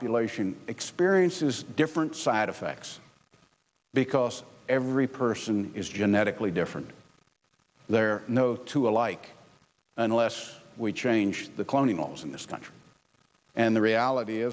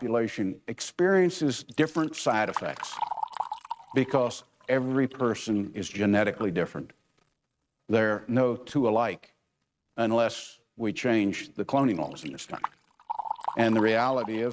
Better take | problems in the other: first | noise reduction (neural mask model RNNoise)

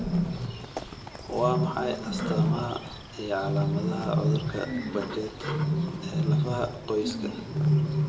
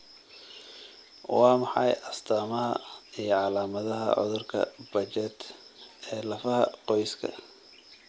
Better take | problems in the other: second | background sound (Bird); 4 dB above the speech // room echo; dies away in 1 s

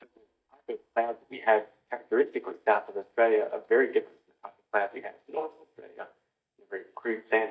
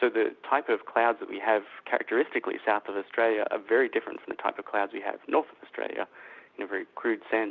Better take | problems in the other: second | noise reduction (neural mask model DeepFilterNet 3)

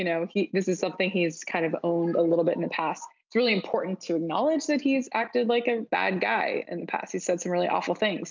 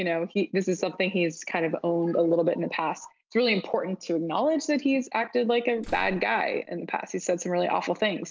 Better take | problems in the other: first | noise reduction (neural separator model SepFormer DNS4)

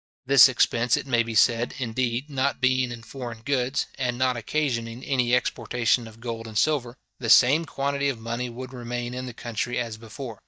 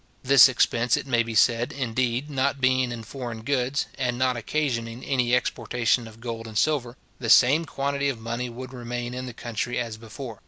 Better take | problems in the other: second | noise reduction (neural mask model DeepFilterNet 3)

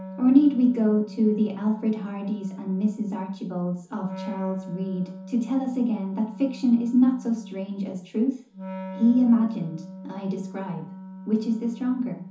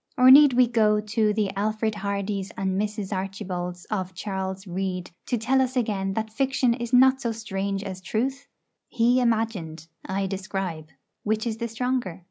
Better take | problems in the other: second | background sound (Wind instrument, woodwind instrument); 14 dB below the speech // room echo; dies away in 0.9 s

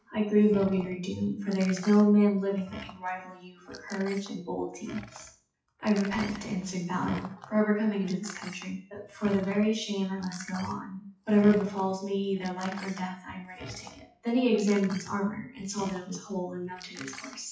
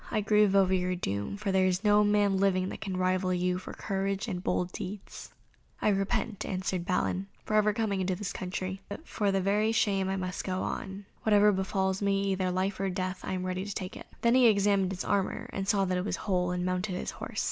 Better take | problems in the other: second | noise reduction (classical method WPE with log-MMSE)

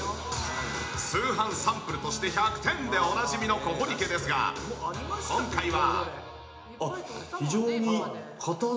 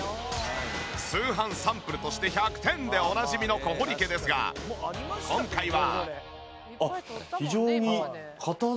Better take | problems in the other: second | room echo; dies away in 0.8 s

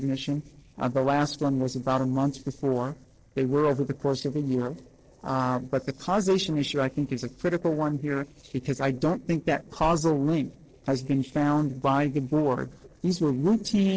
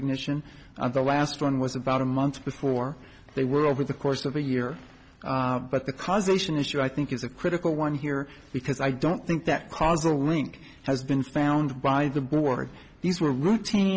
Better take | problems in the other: second | noise reduction (neural separator model SepFormer DNS4)

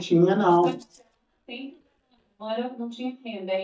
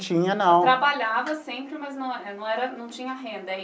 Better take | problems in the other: second | noise reduction (neural mask model DeepFilterNet 3)

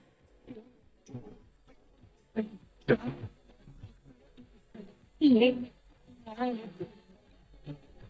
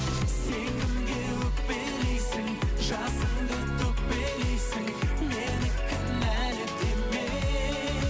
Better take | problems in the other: second | noise reduction (neural mask model DeepFilterNet 3)

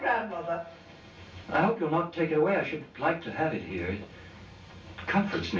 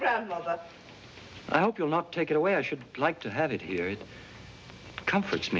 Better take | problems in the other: second | room echo; dies away in 0.2 s

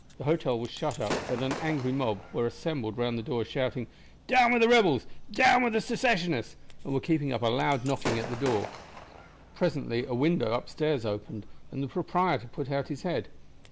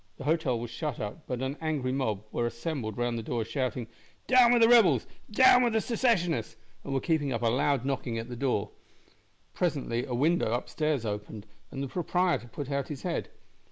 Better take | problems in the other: second | background sound (Gunshot, gunfire / Fireworks); 14 dB below the speech

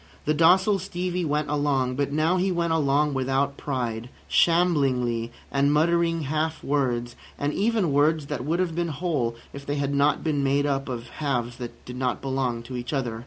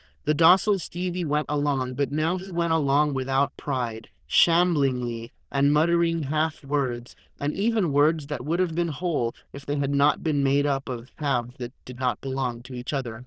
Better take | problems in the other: first | noise reduction (neural diffusion model UNIVERSE++)

